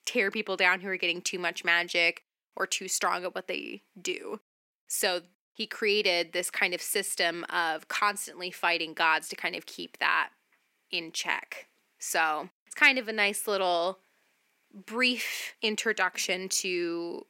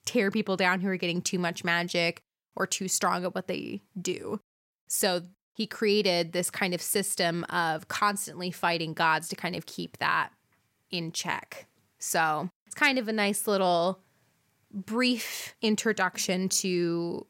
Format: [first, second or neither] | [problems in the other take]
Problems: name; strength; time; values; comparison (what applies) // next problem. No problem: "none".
second | thin; somewhat; fading below 250 Hz